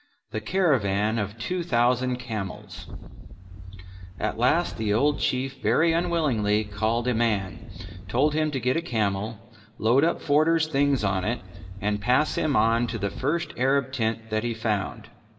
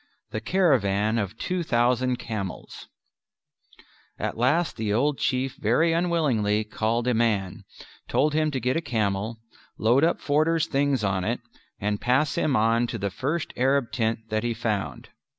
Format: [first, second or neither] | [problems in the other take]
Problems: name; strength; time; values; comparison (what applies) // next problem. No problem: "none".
second | background sound (Wind); 11 dB below the speech // room echo; dies away in 1.4 s